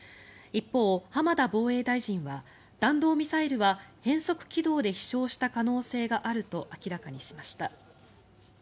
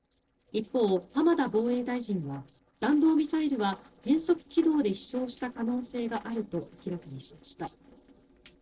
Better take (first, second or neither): first